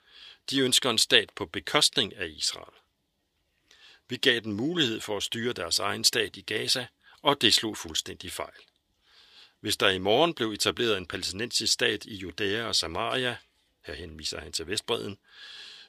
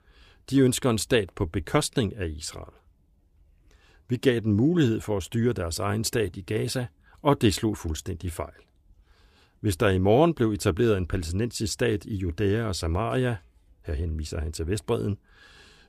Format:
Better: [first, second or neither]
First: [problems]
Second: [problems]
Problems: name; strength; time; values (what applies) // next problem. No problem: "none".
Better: second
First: thin; somewhat; fading below 650 Hz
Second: none